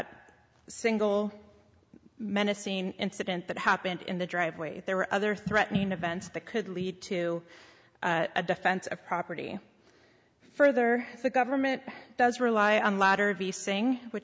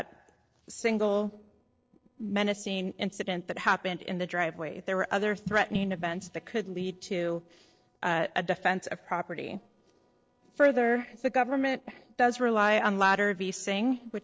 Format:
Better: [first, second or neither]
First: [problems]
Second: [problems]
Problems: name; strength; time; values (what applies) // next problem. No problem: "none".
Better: first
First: none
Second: noise reduction (neural separator model SepFormer DNS4)